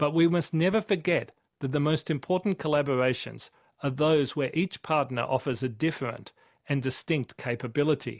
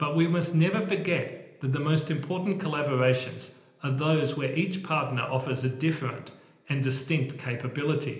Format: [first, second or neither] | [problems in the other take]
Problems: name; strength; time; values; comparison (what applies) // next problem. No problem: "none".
first | room echo; dies away in 0.8 s